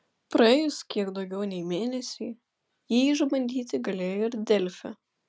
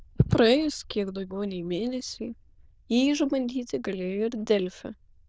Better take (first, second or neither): first